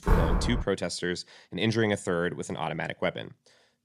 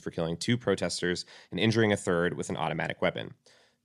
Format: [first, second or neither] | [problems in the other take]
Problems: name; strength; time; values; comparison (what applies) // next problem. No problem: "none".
second | door banging; loud; at the start; peak 3 dB above the speech